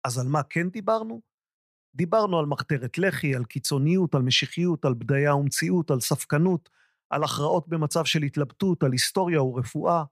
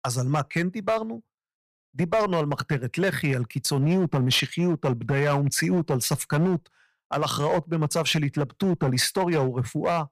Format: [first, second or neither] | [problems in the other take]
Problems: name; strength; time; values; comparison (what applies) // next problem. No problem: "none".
first | distortion; slight; 8% of the sound clipped